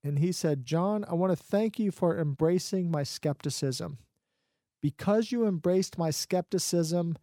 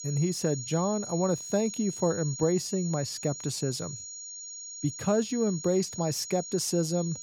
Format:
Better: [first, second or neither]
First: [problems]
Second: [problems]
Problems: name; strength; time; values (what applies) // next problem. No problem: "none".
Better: first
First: none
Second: high-pitched whine; loud; throughout; 6.5 kHz, 8 dB below the speech